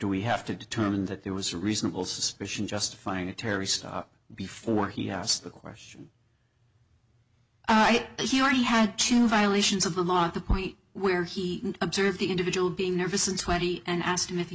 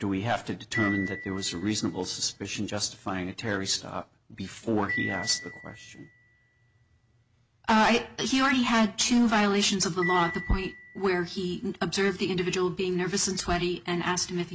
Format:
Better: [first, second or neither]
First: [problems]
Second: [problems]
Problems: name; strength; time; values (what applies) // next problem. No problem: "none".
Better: first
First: none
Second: background sound (Marimba, xylophone); 13 dB below the speech